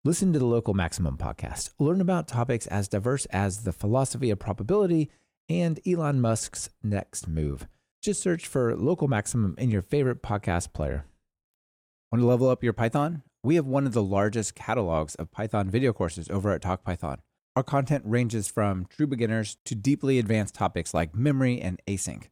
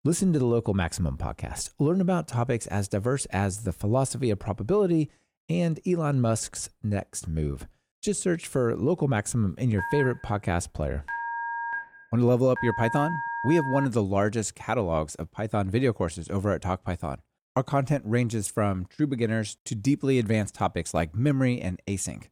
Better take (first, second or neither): first